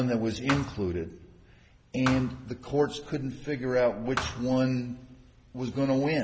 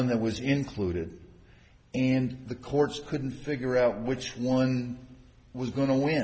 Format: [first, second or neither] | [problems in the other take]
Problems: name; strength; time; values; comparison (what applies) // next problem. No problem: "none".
second | background sound (Thump, thud); 10 dB below the speech